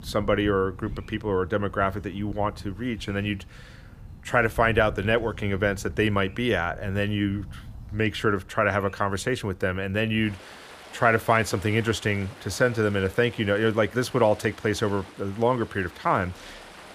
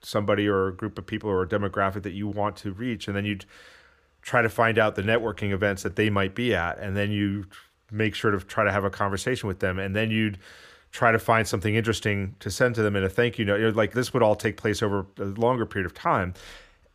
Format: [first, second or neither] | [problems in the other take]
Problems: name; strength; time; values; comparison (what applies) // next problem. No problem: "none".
second | rain or running water; noticeable; throughout; 20 dB below the speech